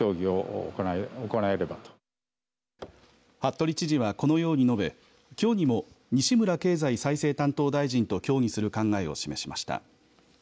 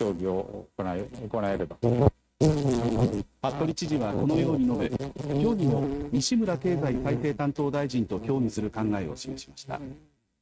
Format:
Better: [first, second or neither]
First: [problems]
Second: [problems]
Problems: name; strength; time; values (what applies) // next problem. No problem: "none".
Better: first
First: none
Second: noise reduction (neural mask model RNNoise)